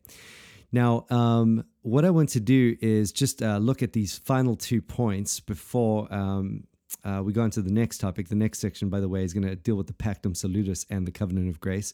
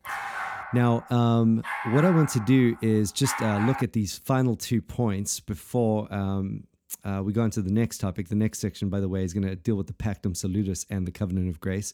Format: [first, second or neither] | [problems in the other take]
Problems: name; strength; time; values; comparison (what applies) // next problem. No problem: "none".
first | dog barking; noticeable; until 4 s; peak 4 dB below the speech